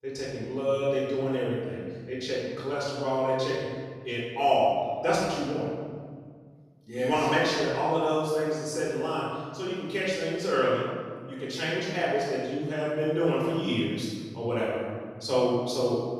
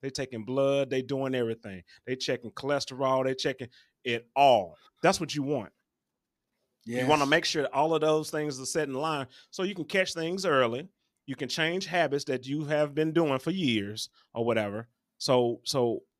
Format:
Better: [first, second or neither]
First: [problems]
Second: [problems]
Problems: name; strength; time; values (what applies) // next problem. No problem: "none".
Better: second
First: room echo; strong; dies away in 1.7 s // off-mic speech; far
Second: none